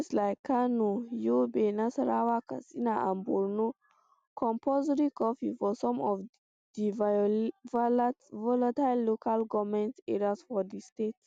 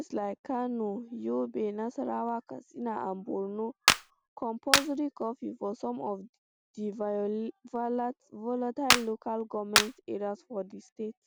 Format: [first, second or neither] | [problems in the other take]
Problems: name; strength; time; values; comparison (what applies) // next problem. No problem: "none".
first | background sound (Clapping); 4 dB above the speech